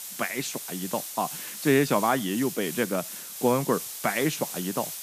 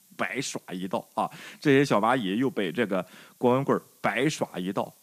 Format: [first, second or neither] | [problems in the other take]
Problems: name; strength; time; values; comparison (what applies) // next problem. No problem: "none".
second | hiss; loud; throughout; 7 dB below the speech; faint in the second